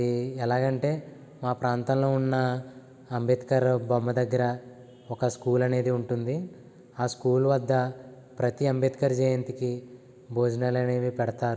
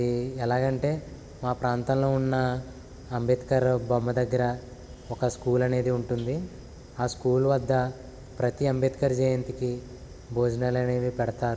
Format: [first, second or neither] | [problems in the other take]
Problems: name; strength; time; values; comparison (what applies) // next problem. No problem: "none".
first | background sound (Fire); 18 dB below the speech